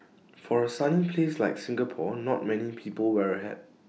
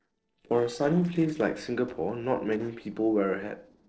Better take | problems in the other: first | noise reduction (neural separator model SepFormer DNS4)

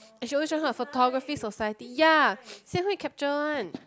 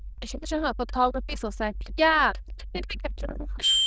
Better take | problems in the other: first | noise reduction (neural diffusion model UNIVERSE++)

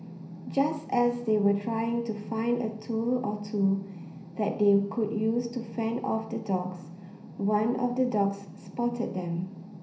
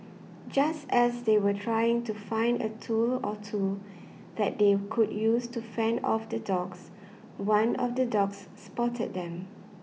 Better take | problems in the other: second | room echo; dies away in 0.5 s

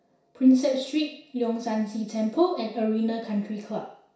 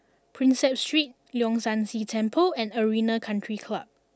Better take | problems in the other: second | room echo; dies away in 0.6 s

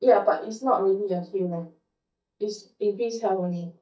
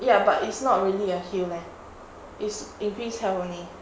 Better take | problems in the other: second | noise reduction (neural mask model DeepFilterNet 3)

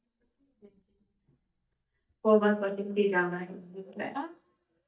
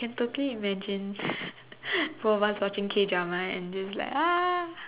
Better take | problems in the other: second | noise reduction (neural mask model DeepFilterNet 3)

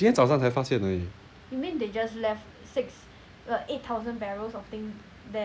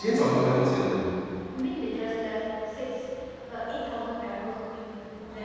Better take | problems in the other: first | background sound (Crowd); 20 dB below the speech // room echo; dies away in 2.1 s

